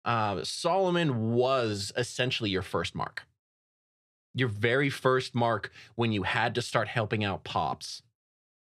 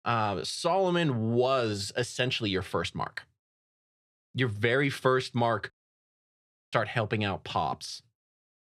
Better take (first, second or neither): first